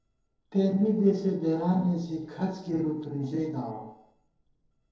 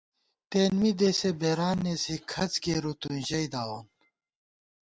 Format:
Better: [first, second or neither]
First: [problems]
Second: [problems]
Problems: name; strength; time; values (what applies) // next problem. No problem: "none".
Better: second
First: noise reduction (neural separator model SepFormer DNS4)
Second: none